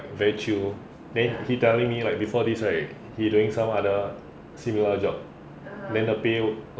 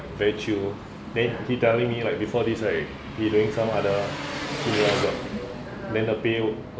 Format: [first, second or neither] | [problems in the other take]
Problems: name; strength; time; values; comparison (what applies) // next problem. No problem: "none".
first | background sound (Engine); 8 dB below the speech